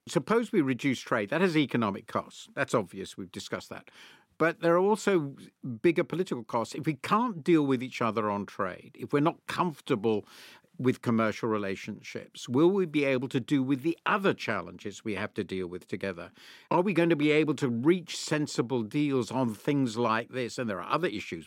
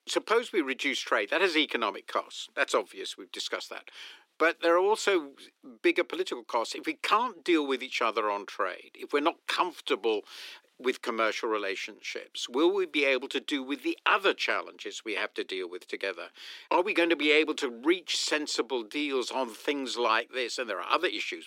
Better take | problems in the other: first | thin; somewhat; fading below 300 Hz

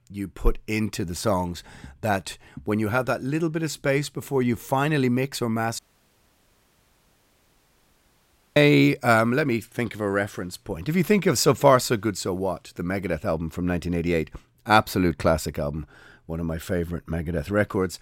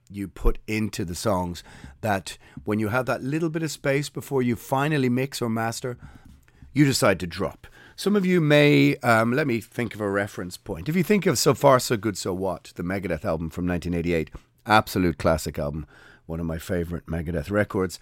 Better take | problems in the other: second | audio cutting out; at 6 s for 3 s

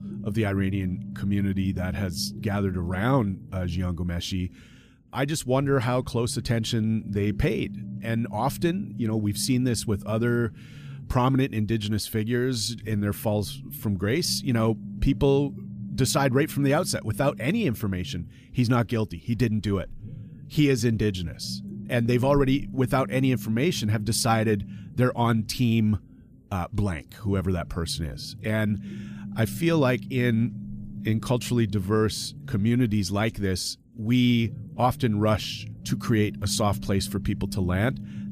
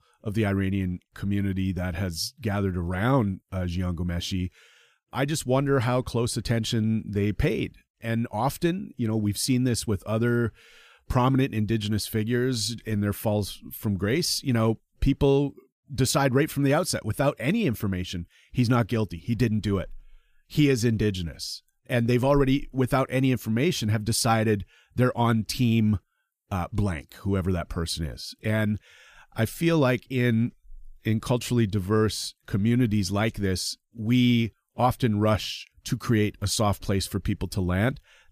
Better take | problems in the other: second | low rumble; noticeable; throughout; 20 dB below the speech

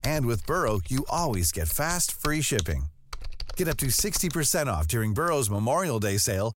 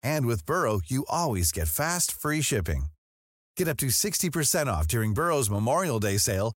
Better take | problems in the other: second | keyboard typing; noticeable; until 5.5 s; peak 8 dB below the speech

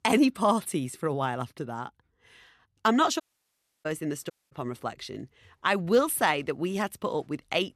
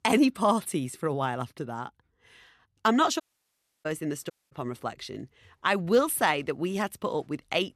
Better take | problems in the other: neither | audio cutting out; at 3 s for 0.5 s and at 4.5 s; the same in both

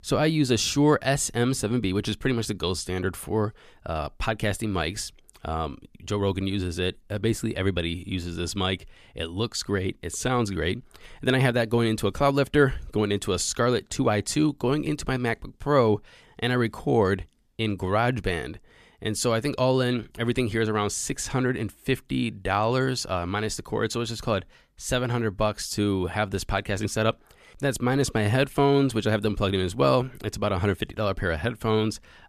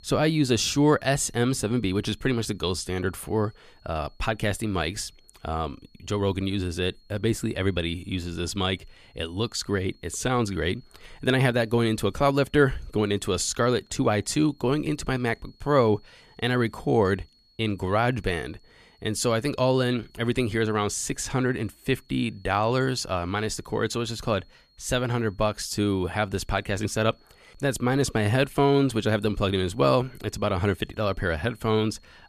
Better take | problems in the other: first | high-pitched whine; faint; throughout; 4.5 kHz, 35 dB below the speech

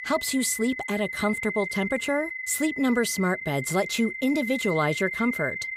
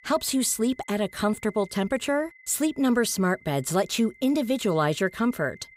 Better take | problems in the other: second | high-pitched whine; loud; throughout; 2 kHz, 5 dB below the speech; faint in the second

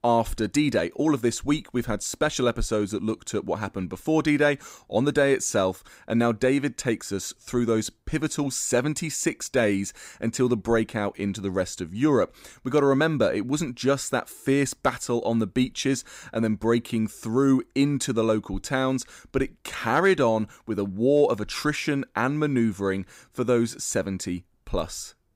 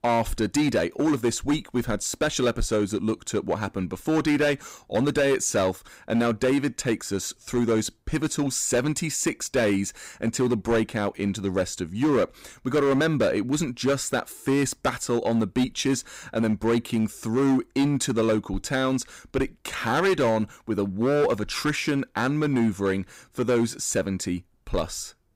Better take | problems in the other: first | distortion; slight; 8% of the sound clipped

